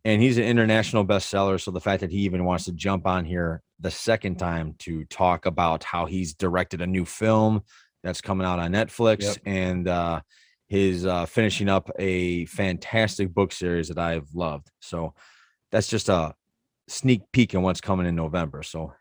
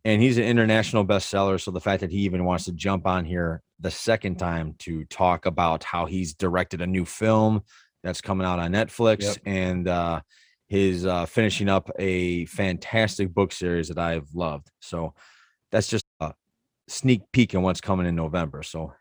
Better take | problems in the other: first | audio cutting out; at 16 s

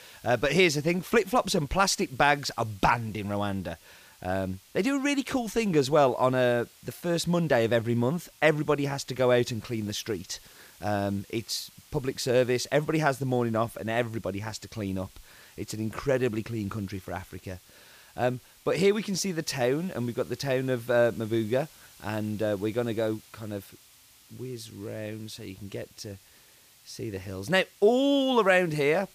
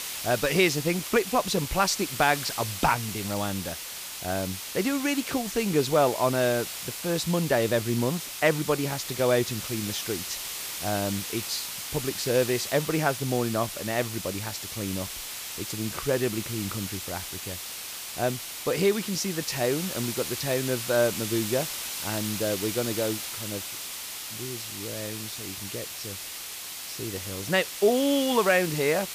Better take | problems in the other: first | hiss; loud; throughout; 6 dB below the speech; faint in the first

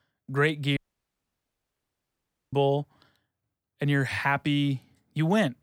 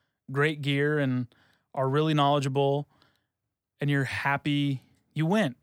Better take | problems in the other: second | audio cutting out; at 1 s for 2 s

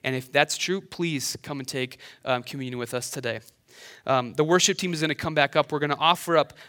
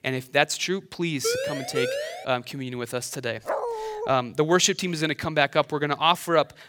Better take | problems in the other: first | siren; noticeable; from 1 to 2.5 s; peak 3 dB below the speech // dog barking; noticeable; at 3.5 s; peak 4 dB below the speech

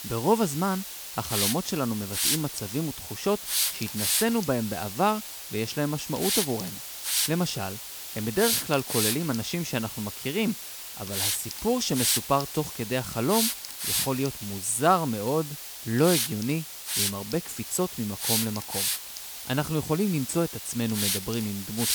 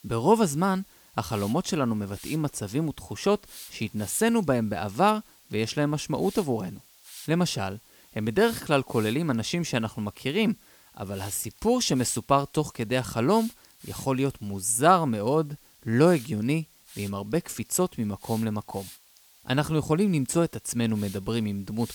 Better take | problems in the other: second | hiss; loud; throughout; 1 dB below the speech; faint in the second

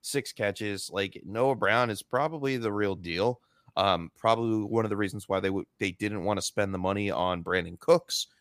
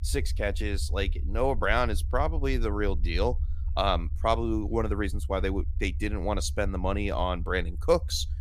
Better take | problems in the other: first | low rumble; faint; throughout; 25 dB below the speech

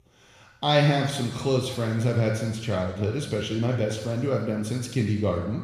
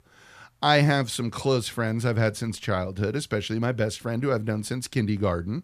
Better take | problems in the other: second | room echo; noticeable; dies away in 1.1 s // off-mic speech; somewhat distant

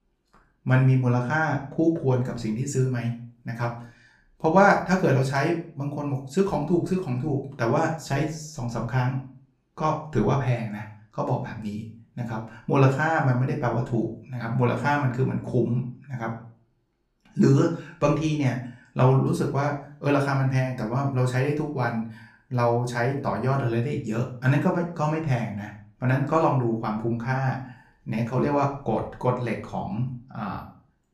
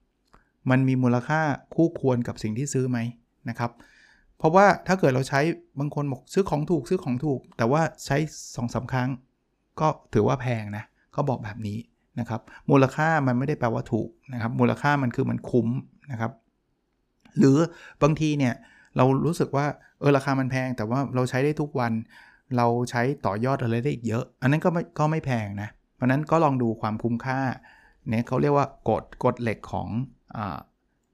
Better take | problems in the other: second | room echo; slight; dies away in 0.4 s // off-mic speech; far

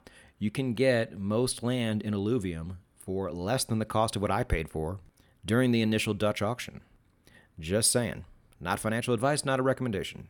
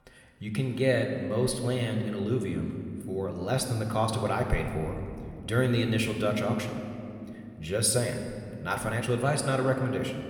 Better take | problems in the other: first | room echo; slight; dies away in 2.1 s

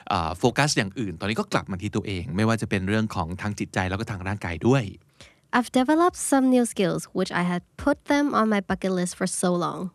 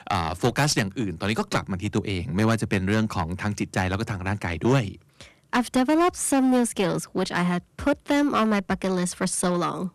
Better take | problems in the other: first | distortion; slight; 8% of the sound clipped

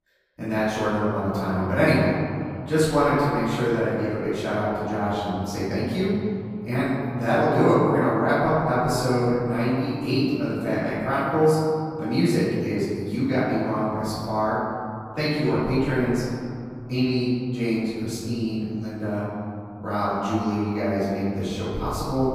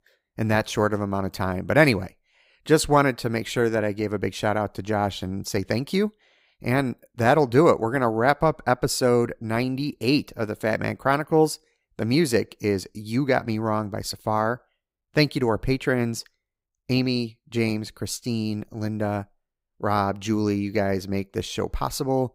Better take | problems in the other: second | off-mic speech; far // room echo; strong; dies away in 2.6 s

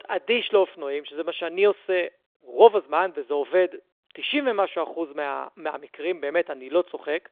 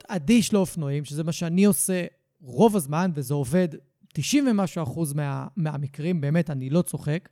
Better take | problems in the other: second | phone-call audio; nothing above 3.5 kHz

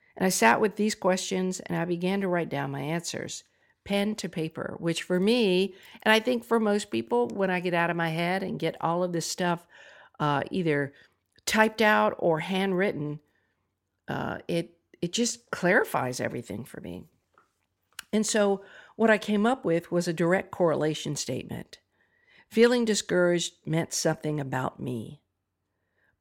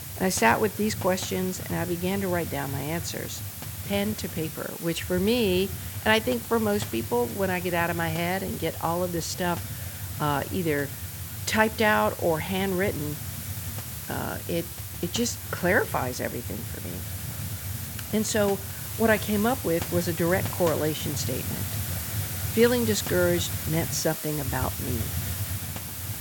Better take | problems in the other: first | hiss; loud; throughout; 6 dB below the speech

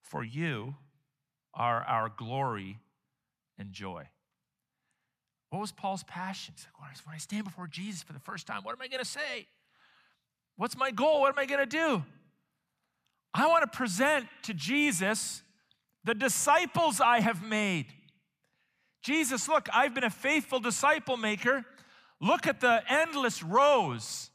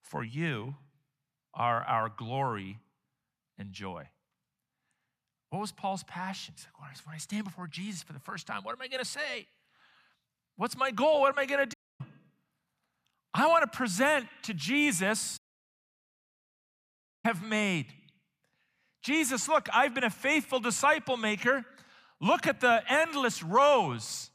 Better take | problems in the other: first | audio cutting out; at 12 s and at 15 s for 2 s

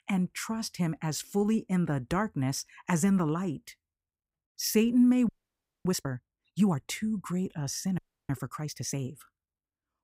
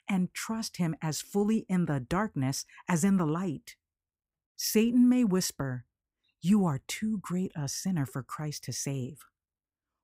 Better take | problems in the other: second | audio freezing; at 5.5 s for 0.5 s and at 8 s

